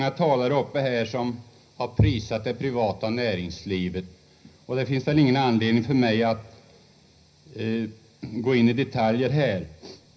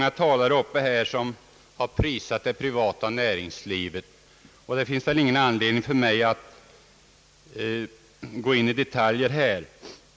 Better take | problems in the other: second | room echo; dies away in 0.5 s

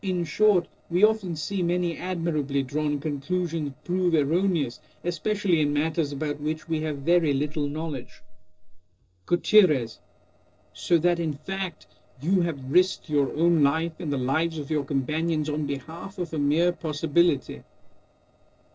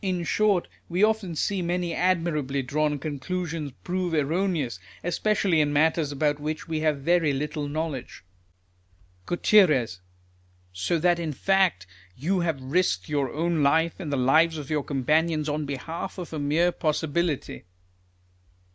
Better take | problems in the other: second | noise reduction (neural separator model SepFormer DNS4)

